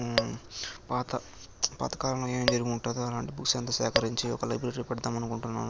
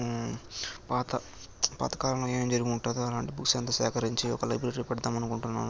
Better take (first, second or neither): second